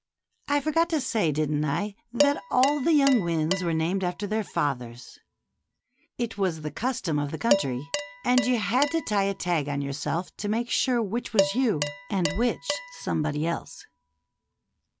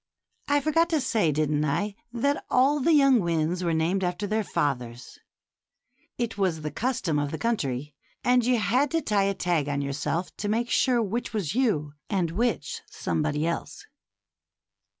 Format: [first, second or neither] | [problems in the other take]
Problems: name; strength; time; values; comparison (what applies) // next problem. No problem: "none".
second | background sound (Dishes, pots, and pans); 7 dB below the speech